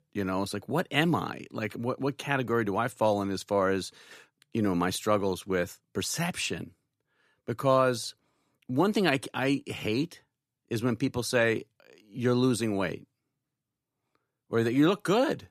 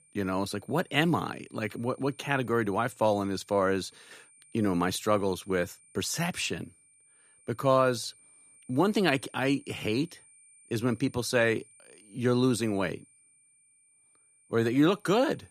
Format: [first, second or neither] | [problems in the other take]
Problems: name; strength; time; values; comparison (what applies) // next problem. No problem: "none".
first | high-pitched whine; faint; throughout; 9 kHz, 30 dB below the speech